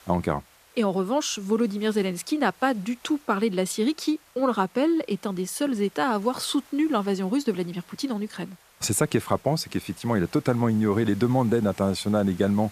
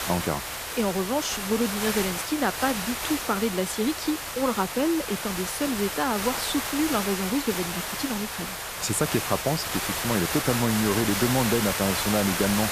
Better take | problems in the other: first | hiss; loud; throughout; 2 dB below the speech; faint in the first

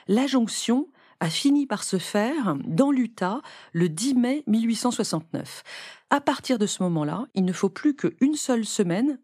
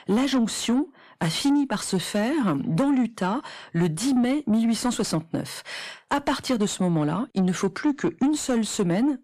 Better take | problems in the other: first | distortion; slight; 10 dB below the speech

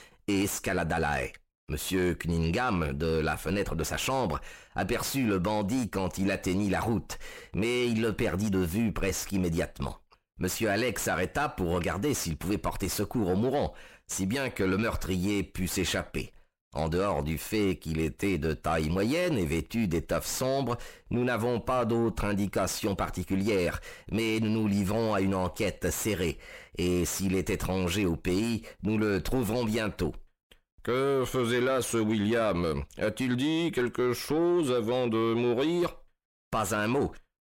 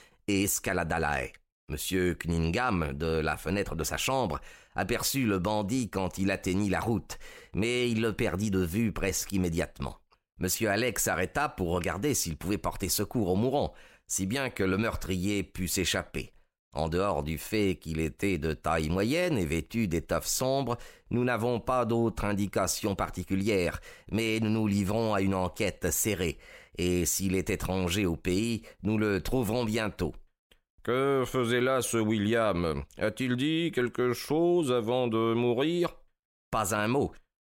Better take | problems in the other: second | distortion; slight; 10 dB below the speech

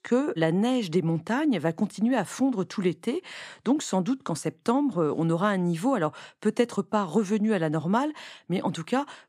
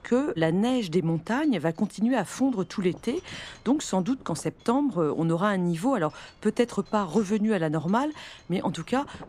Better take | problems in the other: first | wind noise on the microphone; occasional gusts; 25 dB below the speech

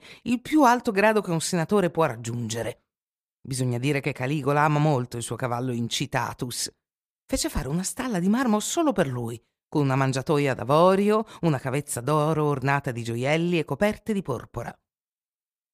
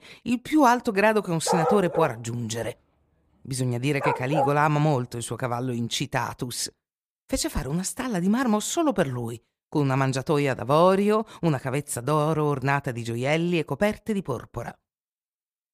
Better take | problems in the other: first | dog barking; loud; from 1.5 to 4.5 s; peak level with the speech

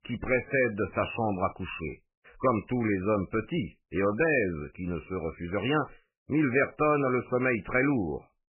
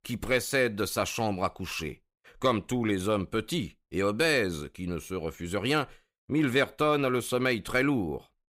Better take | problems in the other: second | garbled, watery; badly; nothing above 2.5 kHz

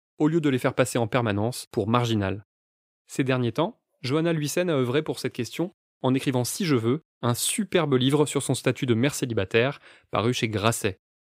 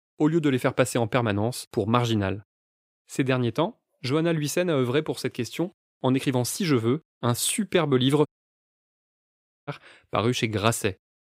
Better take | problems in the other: first | audio cutting out; at 8.5 s for 1.5 s

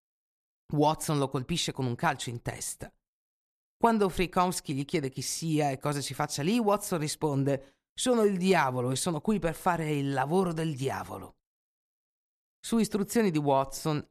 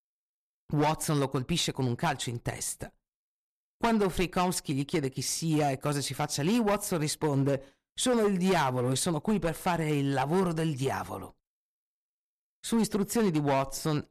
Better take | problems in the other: first | distortion; slight; 7% of the sound clipped

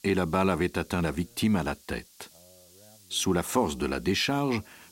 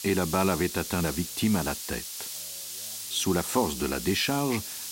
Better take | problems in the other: first | hiss; loud; throughout; 6 dB below the speech; faint in the first

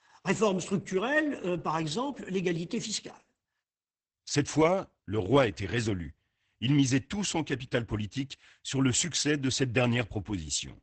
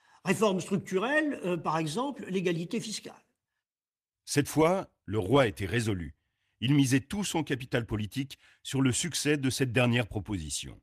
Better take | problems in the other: second | garbled, watery; badly; nothing above 8 kHz; slightly in the second

